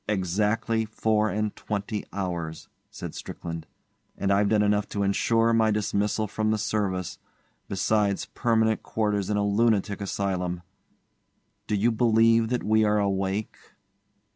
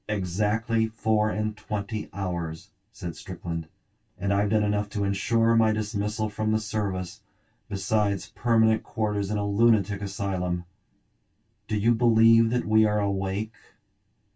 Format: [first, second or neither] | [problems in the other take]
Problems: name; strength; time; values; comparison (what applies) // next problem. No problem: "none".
first | room echo; dies away in 0.1 s